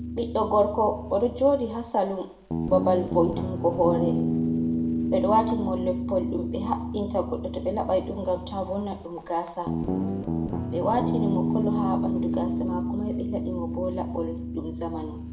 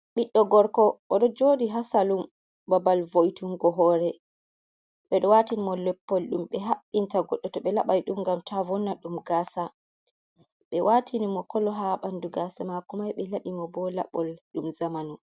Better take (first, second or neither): second